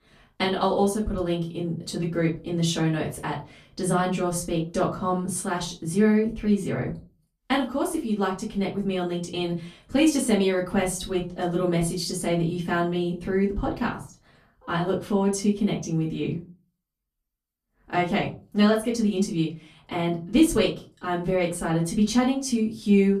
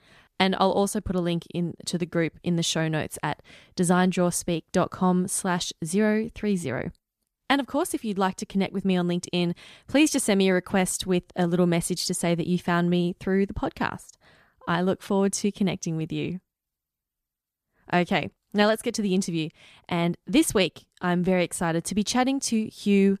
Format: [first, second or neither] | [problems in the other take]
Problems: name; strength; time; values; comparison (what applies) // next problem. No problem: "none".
second | off-mic speech; far // room echo; very slight; dies away in 0.3 s